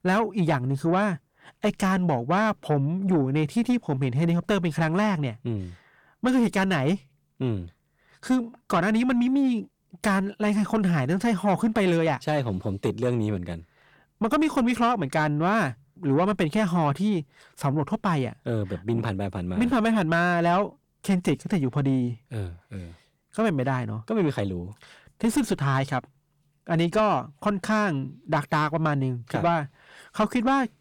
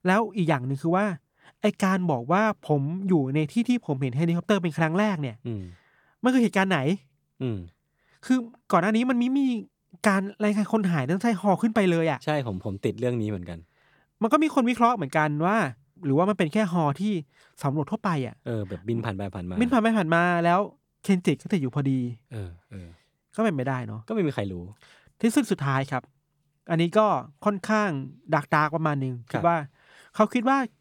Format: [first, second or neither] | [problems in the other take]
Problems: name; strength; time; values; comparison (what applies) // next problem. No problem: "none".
second | distortion; slight; 10 dB below the speech